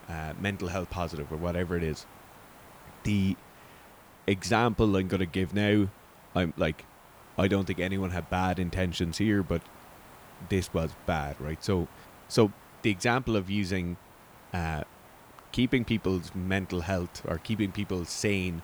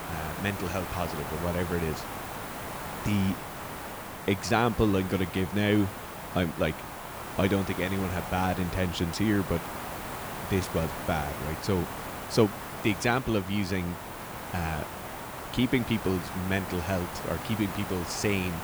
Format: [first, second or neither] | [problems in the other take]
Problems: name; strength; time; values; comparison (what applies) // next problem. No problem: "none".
first | hiss; loud; throughout; 7 dB below the speech; faint in the first